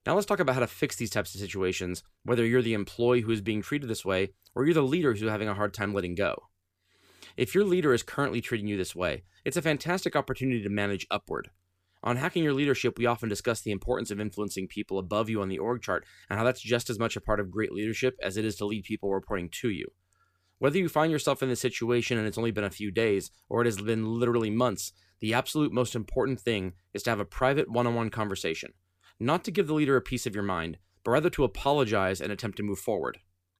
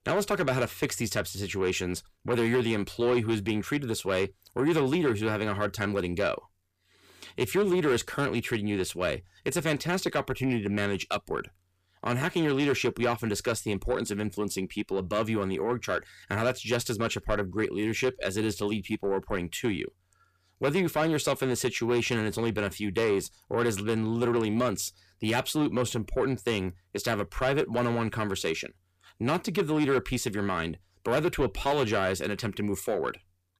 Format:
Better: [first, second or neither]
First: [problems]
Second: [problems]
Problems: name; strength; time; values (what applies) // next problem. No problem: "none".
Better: first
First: none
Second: distortion; slight; 10 dB below the speech